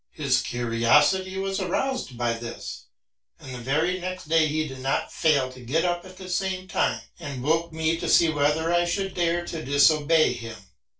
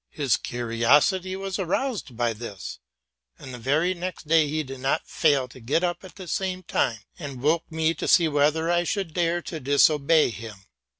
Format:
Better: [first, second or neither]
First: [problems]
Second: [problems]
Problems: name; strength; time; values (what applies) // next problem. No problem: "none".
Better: second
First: noise reduction (neural separator model SepFormer DNS4)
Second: none